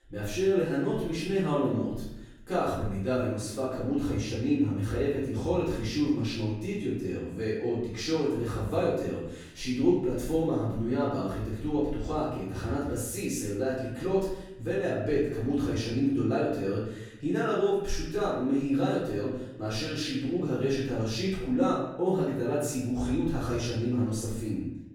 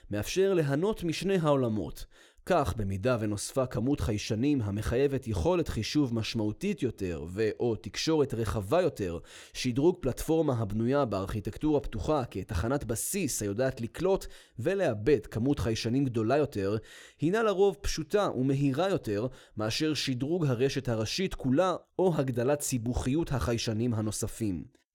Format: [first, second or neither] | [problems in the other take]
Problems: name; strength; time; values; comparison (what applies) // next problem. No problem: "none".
second | off-mic speech; far // room echo; noticeable; dies away in 0.8 s